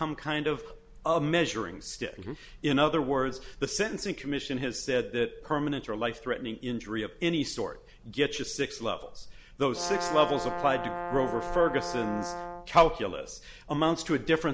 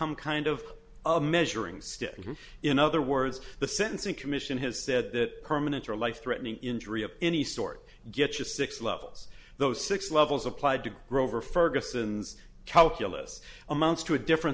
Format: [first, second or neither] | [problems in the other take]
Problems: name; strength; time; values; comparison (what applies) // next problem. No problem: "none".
second | background sound (Brass instrument); 6 dB below the speech